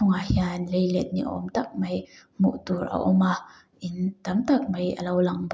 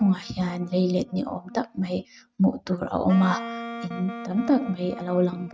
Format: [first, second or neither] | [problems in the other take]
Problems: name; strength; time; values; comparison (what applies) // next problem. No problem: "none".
first | noise reduction (neural mask model RNNoise)